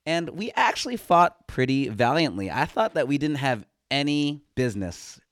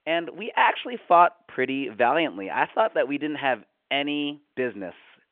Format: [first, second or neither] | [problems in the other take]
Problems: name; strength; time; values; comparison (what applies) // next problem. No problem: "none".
first | phone-call audio